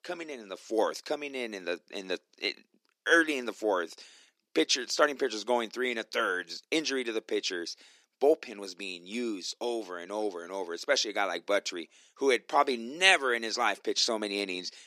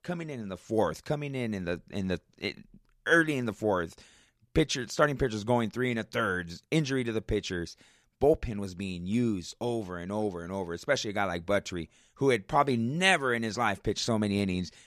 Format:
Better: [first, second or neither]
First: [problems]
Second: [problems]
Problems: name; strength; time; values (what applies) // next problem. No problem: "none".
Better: second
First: thin; somewhat; fading below 300 Hz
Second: none